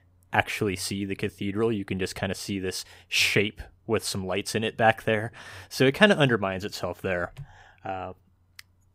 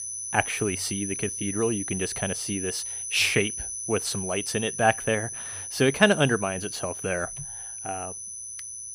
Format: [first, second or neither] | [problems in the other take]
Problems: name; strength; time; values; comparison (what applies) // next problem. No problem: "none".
first | high-pitched whine; loud; throughout; 10 kHz, 5 dB below the speech